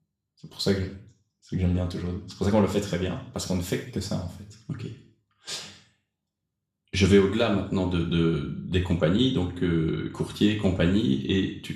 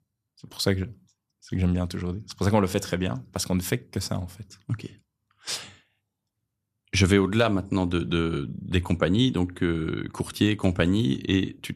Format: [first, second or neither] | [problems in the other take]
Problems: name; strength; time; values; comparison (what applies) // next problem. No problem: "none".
second | room echo; slight; dies away in 0.6 s // off-mic speech; somewhat distant